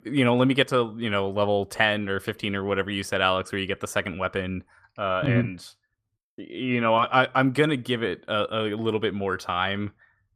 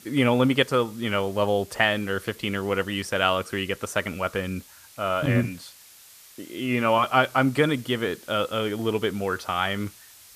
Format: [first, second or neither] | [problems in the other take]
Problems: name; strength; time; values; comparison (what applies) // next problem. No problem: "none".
first | hiss; faint; throughout; 20 dB below the speech